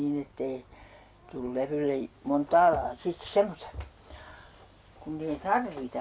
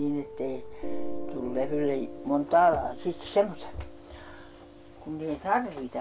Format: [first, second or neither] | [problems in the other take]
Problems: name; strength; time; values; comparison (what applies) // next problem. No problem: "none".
first | background sound (Piano); 7 dB below the speech